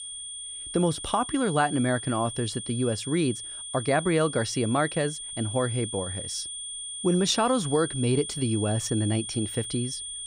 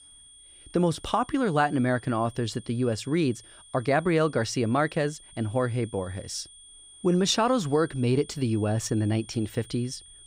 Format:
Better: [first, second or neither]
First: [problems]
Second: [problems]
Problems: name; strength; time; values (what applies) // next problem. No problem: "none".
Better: second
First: high-pitched whine; loud; throughout; 9 kHz, 7 dB below the speech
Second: high-pitched whine; faint; throughout; 9 kHz, 20 dB below the speech